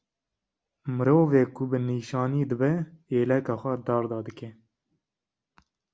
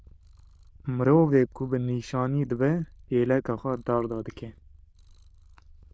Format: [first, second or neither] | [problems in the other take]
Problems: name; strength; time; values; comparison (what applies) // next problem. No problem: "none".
first | noise reduction (neural diffusion model UNIVERSE++)